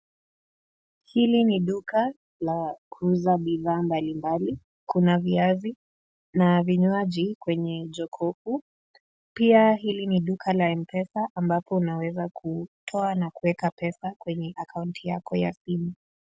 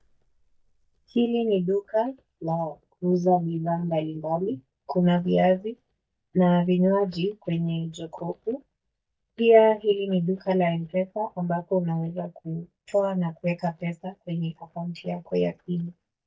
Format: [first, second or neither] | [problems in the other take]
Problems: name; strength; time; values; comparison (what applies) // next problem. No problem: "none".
first | noise reduction (neural mask model DeepFilterNet 3)